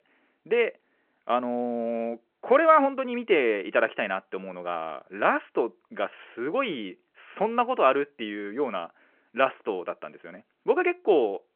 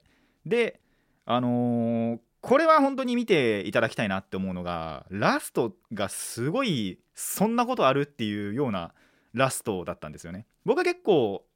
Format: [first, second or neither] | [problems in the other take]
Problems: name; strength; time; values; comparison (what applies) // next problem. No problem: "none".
second | phone-call audio